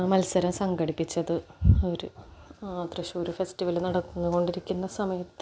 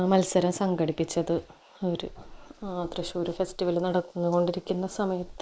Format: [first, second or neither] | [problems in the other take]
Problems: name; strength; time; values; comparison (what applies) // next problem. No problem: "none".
first | noise reduction (neural mask model Resemble Enhance denoiser)